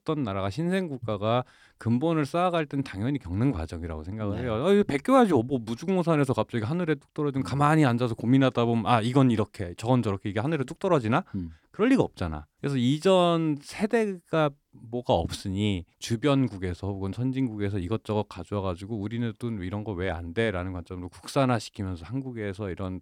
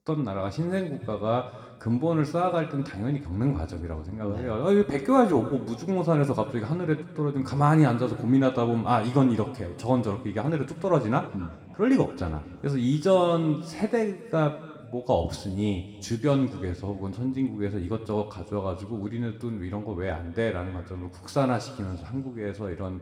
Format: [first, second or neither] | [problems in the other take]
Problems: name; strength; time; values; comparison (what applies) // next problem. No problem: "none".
first | room echo; slight; dies away in 1.4 s